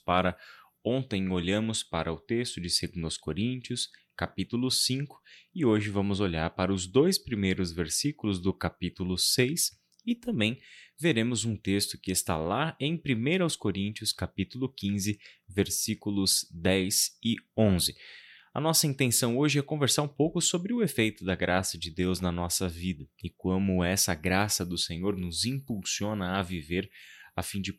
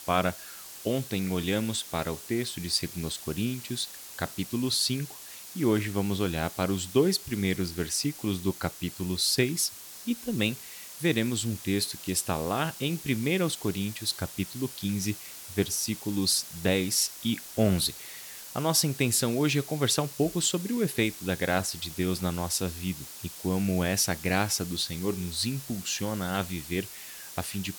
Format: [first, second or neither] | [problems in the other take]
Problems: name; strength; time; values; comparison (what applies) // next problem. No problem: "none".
first | hiss; noticeable; throughout; 10 dB below the speech